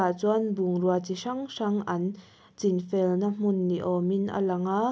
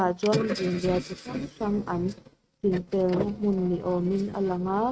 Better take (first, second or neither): first